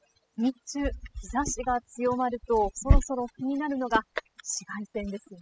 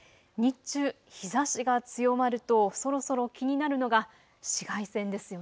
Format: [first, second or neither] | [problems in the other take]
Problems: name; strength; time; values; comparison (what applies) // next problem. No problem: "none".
second | noise reduction (classical method spectral subtraction)